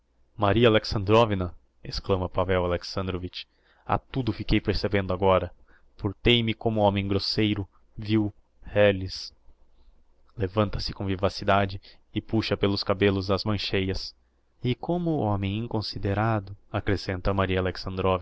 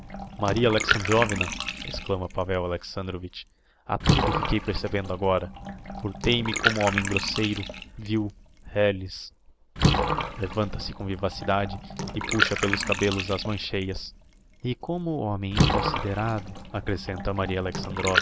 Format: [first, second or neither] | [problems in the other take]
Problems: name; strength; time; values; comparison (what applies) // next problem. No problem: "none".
first | background sound (Bathtub (filling or washing) / Water); 2 dB below the speech